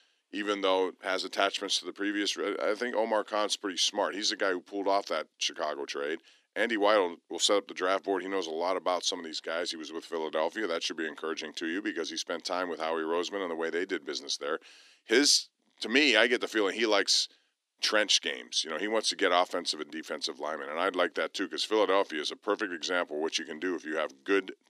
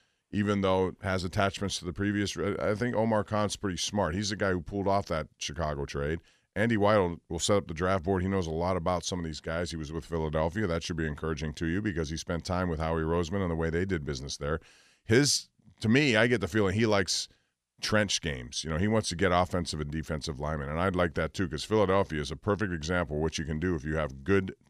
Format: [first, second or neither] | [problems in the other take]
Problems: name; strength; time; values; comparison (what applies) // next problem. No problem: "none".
second | thin; somewhat; fading below 300 Hz